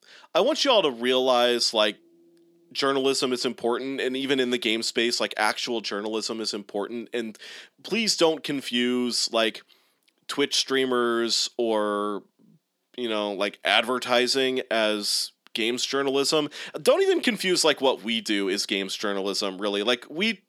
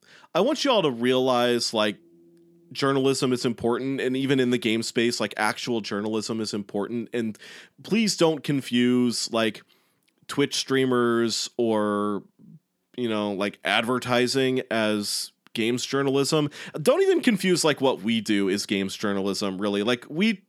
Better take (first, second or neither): second